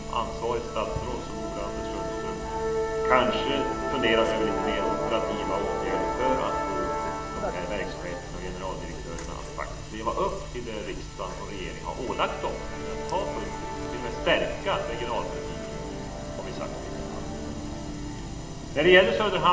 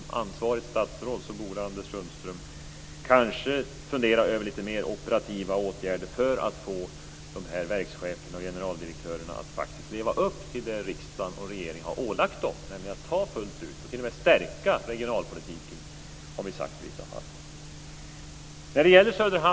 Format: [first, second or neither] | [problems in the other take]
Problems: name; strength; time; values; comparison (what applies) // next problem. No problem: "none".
second | background sound (Musical instrument); 4 dB below the speech // room echo; dies away in 0.9 s